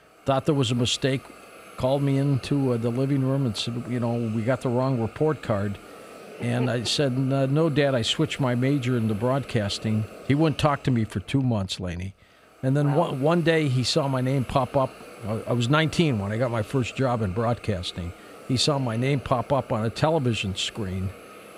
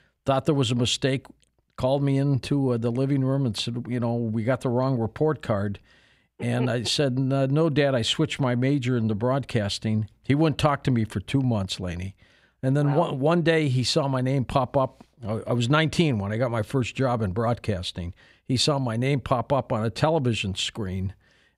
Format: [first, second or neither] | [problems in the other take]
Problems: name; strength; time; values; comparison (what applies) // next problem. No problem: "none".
second | hiss; noticeable; throughout; 20 dB below the speech